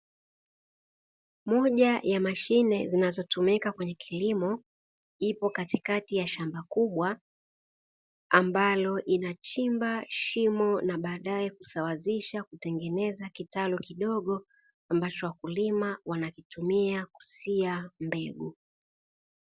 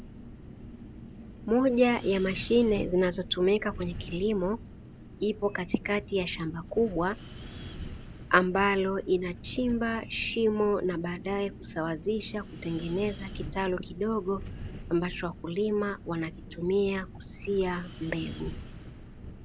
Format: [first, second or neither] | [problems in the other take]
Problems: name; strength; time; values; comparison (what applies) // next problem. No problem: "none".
first | background sound (Wind); 12 dB below the speech